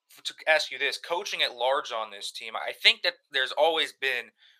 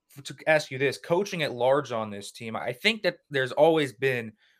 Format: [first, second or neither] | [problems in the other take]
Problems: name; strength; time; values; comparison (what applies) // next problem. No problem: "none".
second | thin; very; fading below 800 Hz